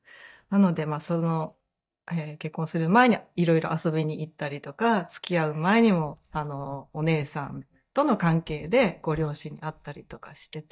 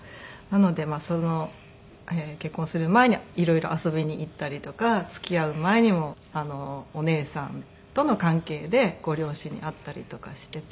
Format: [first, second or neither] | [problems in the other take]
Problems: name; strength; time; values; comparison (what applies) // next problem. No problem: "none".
second | noise reduction (neural mask model DeepFilterNet 3)